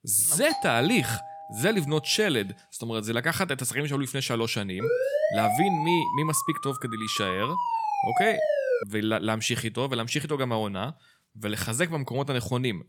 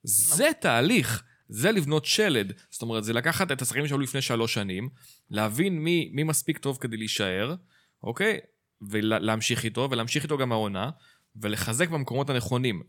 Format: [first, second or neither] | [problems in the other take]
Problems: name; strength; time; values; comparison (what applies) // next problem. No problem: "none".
second | doorbell; noticeable; until 2 s; peak 6 dB below the speech // siren; loud; from 5 to 9 s; peak 2 dB above the speech